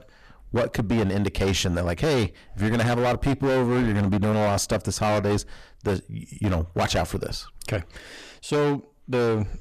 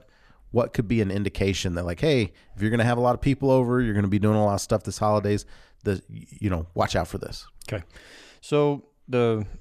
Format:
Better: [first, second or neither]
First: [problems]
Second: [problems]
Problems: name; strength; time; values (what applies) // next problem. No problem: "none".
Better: second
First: distortion; heavy; 19% of the sound clipped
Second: none